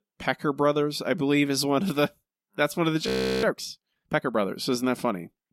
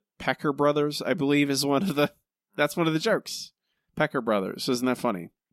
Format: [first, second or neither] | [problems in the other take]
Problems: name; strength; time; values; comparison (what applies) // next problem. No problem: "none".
second | audio freezing; at 3 s